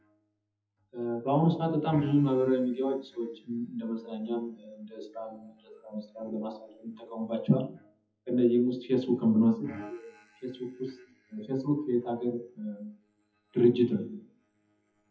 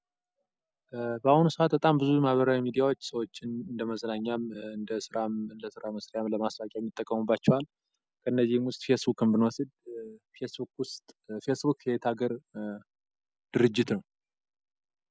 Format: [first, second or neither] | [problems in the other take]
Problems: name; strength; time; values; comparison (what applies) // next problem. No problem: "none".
second | noise reduction (classical method WPE with log-MMSE)